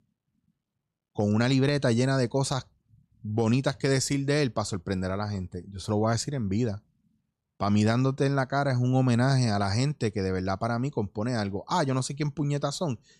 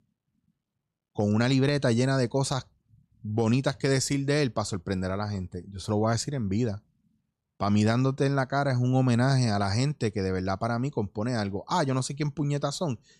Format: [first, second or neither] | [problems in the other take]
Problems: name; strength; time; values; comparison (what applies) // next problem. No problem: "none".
neither | none